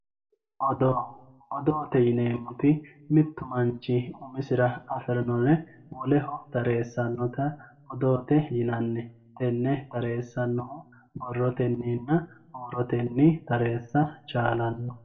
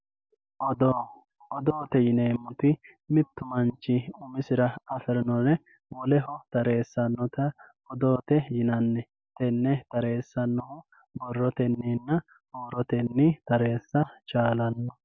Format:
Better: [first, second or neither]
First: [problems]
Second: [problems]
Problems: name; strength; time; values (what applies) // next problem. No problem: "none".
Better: second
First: room echo; dies away in 0.3 s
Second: none